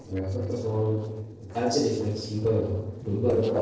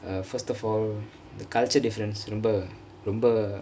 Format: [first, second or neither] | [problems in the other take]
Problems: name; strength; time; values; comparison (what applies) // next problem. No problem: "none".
second | noise reduction (neural separator model SepFormer DNS4)